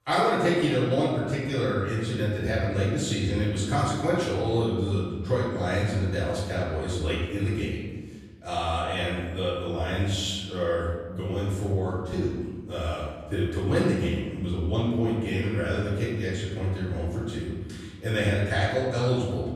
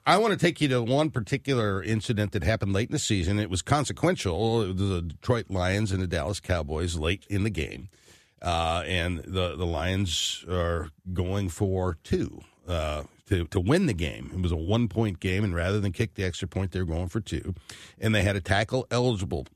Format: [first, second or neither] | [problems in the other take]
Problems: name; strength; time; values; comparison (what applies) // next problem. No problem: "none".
second | room echo; noticeable; dies away in 1.4 s // off-mic speech; far